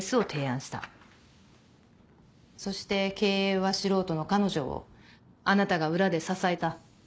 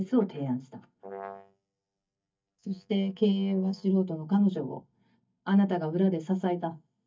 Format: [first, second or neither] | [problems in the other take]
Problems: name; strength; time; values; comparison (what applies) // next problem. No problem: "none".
first | noise reduction (neural mask model DeepFilterNet 3)